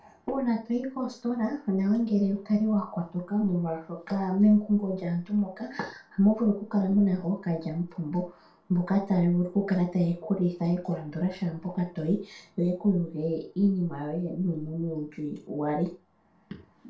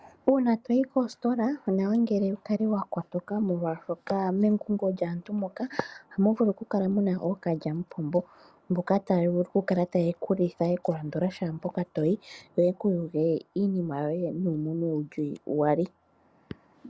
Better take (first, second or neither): second